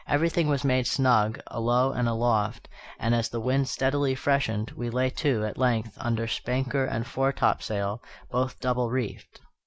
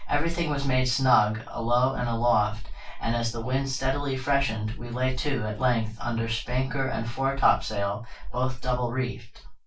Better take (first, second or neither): first